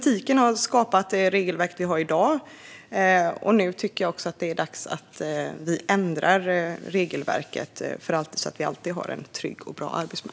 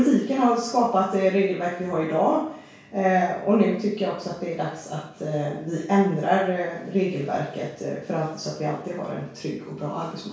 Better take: first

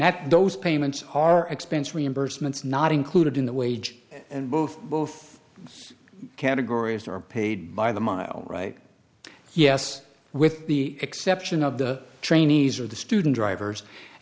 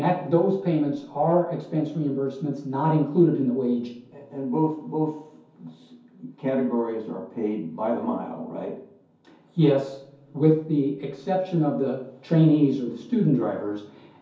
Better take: first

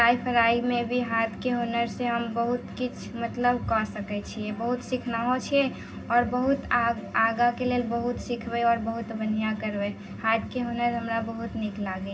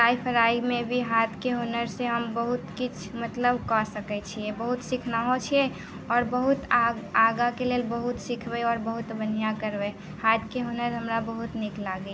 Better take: second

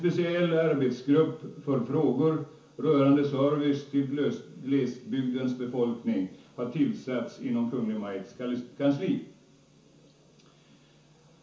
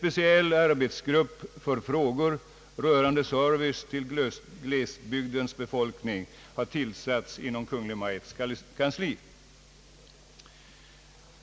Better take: second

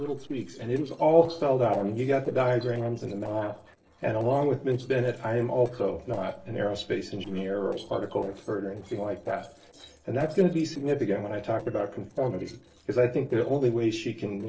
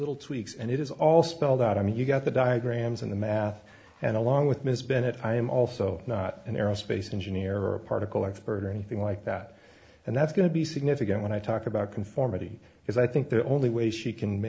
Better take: second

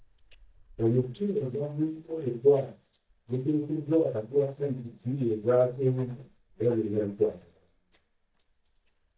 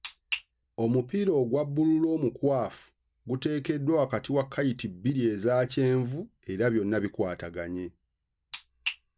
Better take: second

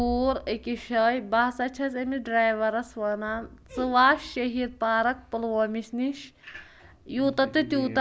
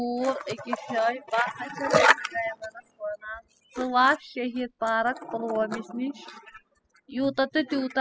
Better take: first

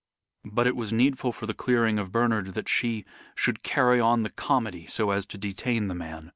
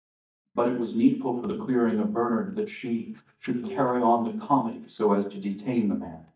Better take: first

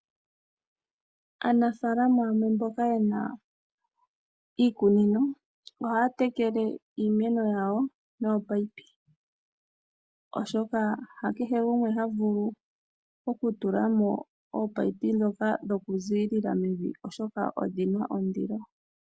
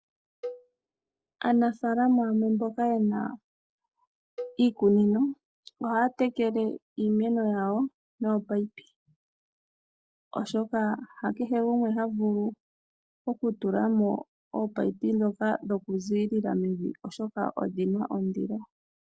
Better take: first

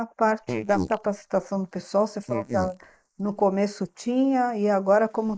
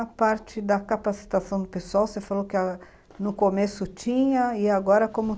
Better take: second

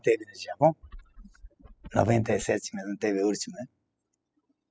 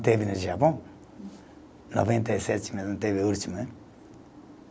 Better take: second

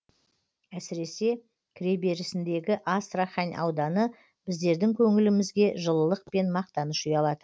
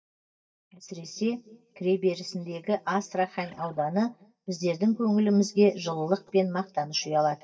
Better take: first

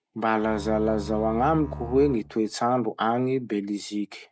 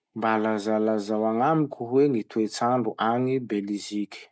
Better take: second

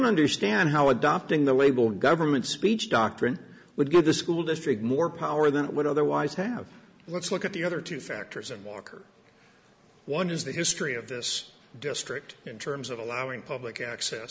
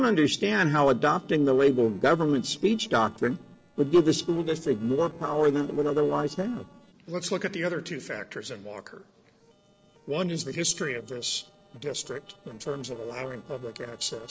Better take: first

